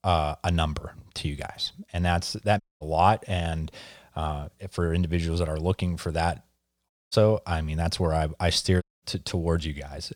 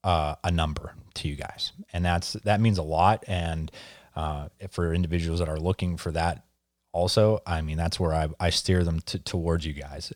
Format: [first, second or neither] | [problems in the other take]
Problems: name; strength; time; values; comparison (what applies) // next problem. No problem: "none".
second | audio cutting out; at 2.5 s, at 7 s and at 9 s